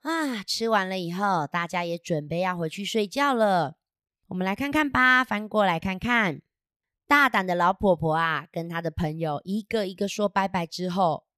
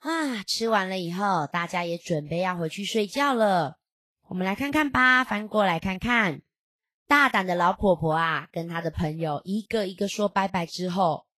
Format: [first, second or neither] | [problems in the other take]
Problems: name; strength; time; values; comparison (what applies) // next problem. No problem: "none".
first | garbled, watery; slightly; nothing above 12.5 kHz